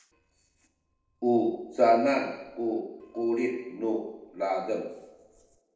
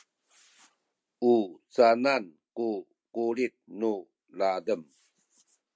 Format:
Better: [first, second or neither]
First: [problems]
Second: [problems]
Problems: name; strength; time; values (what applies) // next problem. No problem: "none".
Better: second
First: noise reduction (neural separator model SepFormer DNS4)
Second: none